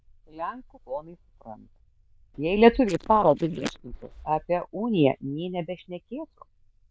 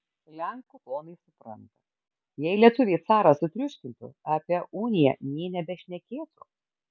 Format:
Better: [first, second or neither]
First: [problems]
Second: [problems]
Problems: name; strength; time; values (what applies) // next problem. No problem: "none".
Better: second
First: noise reduction (neural diffusion model UNIVERSE++)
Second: none